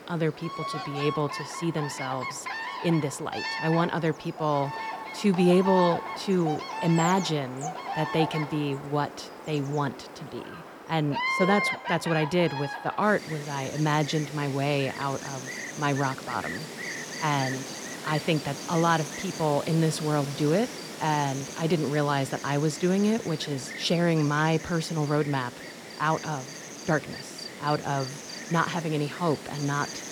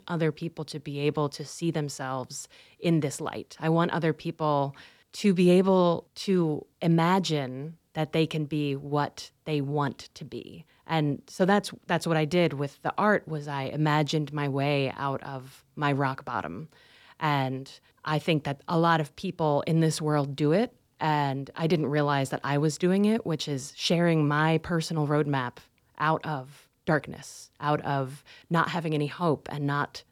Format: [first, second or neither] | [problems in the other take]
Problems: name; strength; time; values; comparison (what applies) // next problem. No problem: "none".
second | animal sounds; loud; throughout; 8 dB below the speech